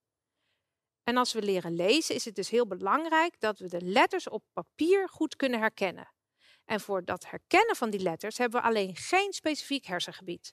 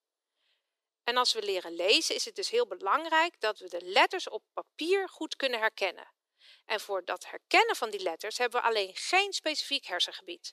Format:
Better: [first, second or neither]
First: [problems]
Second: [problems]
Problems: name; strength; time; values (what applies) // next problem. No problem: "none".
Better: first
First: none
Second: thin; somewhat; fading below 400 Hz